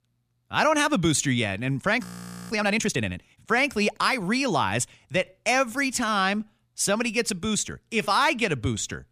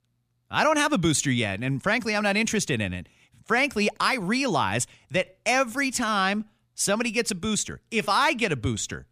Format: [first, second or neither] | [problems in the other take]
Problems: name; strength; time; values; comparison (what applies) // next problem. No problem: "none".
second | audio freezing; at 2 s